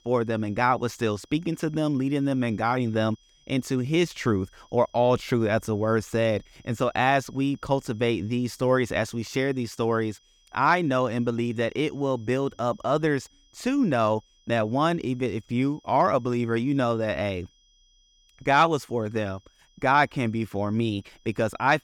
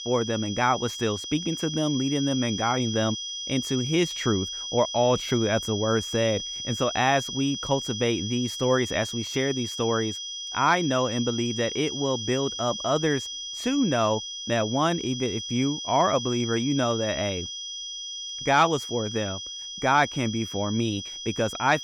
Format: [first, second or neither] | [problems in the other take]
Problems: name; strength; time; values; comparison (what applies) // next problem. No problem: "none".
first | high-pitched whine; loud; throughout; 3.5 kHz, 6 dB below the speech; faint in the first